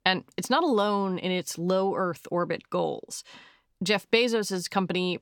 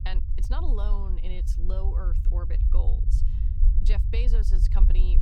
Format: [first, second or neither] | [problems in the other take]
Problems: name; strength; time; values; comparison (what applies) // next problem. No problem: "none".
first | low rumble; loud; throughout; 6 dB below the speech